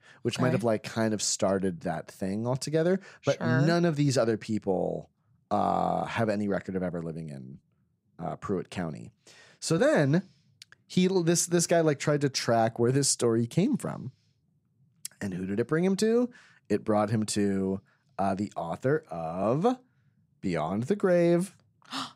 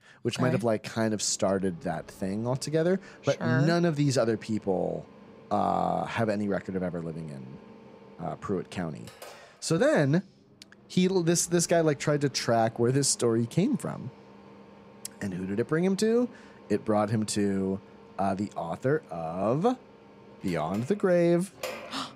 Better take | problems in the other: first | machinery noise; faint; throughout; 20 dB below the speech

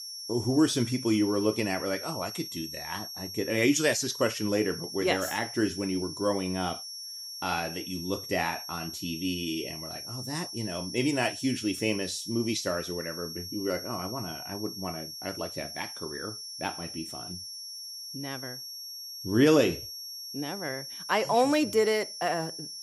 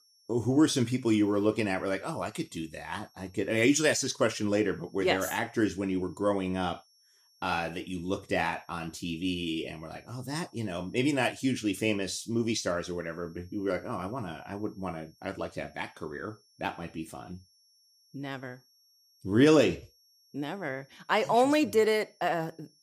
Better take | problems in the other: second | high-pitched whine; loud; throughout; 5.5 kHz, 8 dB below the speech; faint in the second

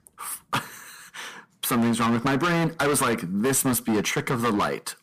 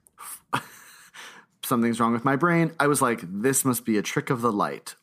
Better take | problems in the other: second | distortion; heavy; 17% of the sound clipped

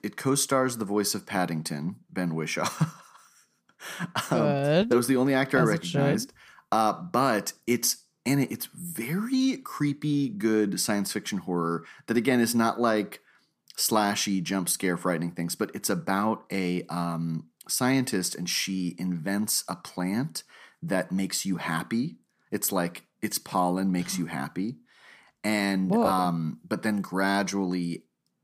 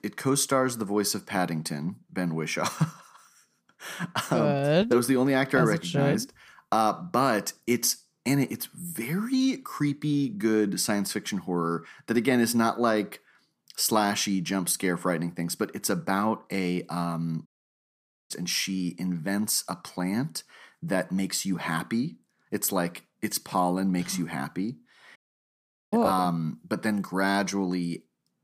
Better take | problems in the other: first | audio cutting out; at 17 s for 1 s and at 25 s for 1 s

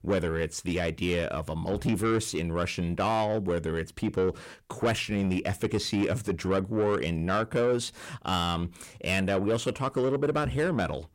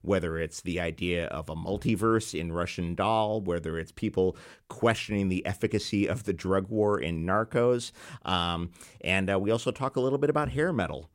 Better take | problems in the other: second | distortion; slight; 10 dB below the speech

